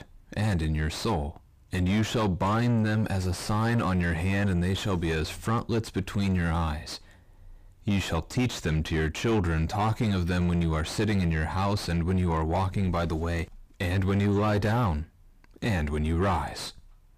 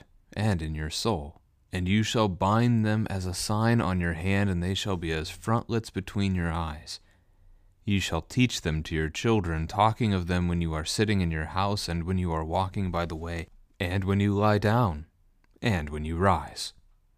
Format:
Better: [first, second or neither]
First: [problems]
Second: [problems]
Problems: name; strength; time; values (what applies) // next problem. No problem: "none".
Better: second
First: distortion; heavy; 5 dB below the speech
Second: none